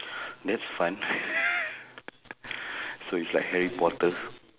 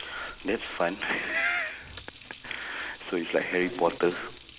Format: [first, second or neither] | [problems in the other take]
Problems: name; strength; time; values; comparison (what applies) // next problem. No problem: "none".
first | background sound (Water tap, faucet); 19 dB below the speech